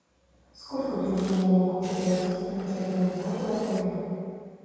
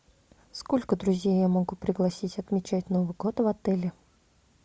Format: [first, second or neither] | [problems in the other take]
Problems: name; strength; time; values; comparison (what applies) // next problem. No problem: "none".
second | background sound (Camera); 16 dB below the speech // room echo; dies away in 2.2 s